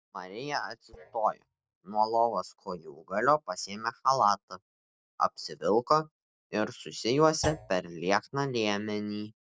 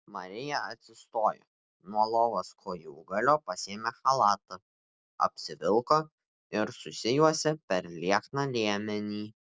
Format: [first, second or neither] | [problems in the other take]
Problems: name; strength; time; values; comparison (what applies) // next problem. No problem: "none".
second | noise reduction (neural mask model DeepFilterNet 3)